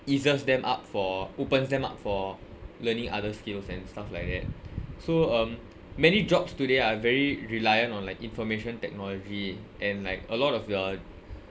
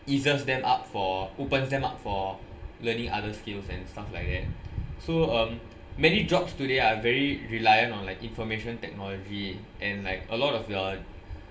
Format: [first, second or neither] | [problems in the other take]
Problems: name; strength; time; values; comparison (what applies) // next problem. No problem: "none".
first | room echo; dies away in 0.9 s